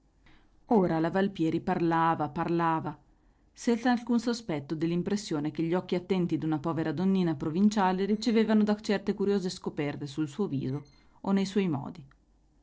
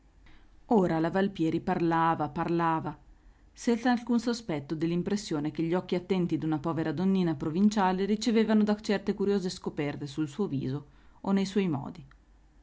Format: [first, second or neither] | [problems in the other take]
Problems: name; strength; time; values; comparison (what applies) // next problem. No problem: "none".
second | noise reduction (neural separator model SepFormer DNS4)